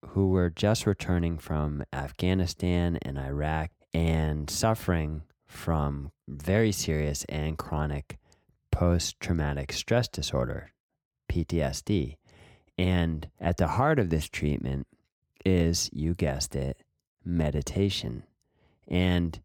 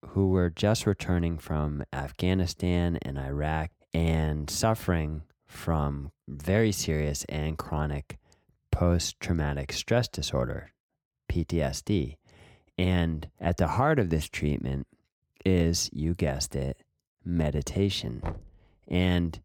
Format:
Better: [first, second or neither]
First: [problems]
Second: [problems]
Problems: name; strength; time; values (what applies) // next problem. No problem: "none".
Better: first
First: none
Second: door banging; noticeable; at 18 s; peak 10 dB below the speech